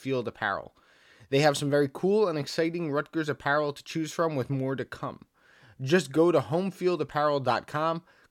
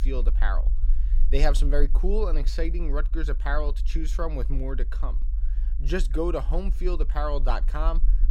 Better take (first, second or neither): first